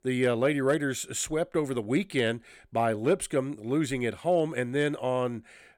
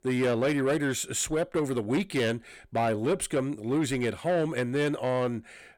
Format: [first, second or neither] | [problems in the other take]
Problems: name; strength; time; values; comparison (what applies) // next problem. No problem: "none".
first | distortion; slight; 10 dB below the speech